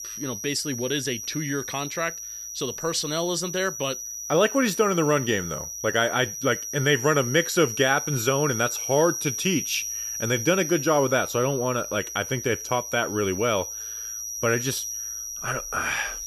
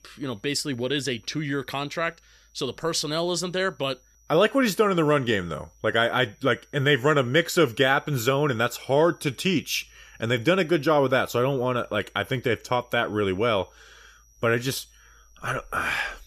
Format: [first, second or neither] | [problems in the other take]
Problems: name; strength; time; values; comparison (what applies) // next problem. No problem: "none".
second | high-pitched whine; loud; throughout; 5.5 kHz, 6 dB below the speech; faint in the second